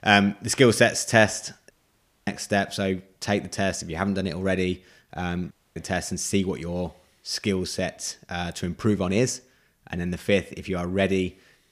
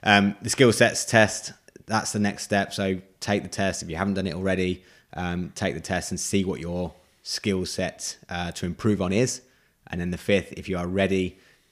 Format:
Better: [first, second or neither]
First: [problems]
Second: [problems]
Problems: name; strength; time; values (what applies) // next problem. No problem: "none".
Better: second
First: audio cutting out; at 1.5 s for 0.5 s and at 5.5 s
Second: none